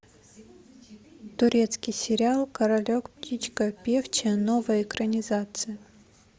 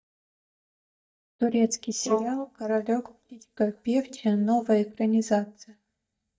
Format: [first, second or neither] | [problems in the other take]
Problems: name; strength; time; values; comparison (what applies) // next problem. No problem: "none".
first | noise reduction (neural mask model DeepFilterNet 3)